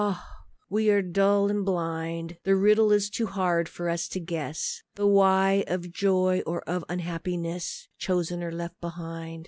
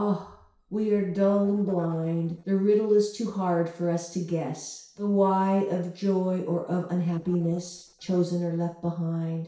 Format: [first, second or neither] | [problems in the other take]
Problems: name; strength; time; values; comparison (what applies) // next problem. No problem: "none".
first | noise reduction (neural separator model SepFormer DNS4)